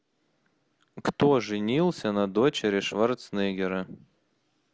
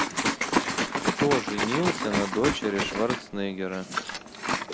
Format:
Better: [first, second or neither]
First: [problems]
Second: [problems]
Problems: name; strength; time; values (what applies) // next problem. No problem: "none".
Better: first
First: none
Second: background sound (Liquid); 1 dB above the speech